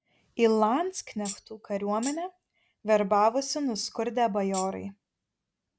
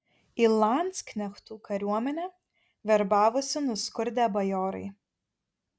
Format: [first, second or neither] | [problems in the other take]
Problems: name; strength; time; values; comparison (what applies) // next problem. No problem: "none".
second | background sound (Tambourine); 15 dB below the speech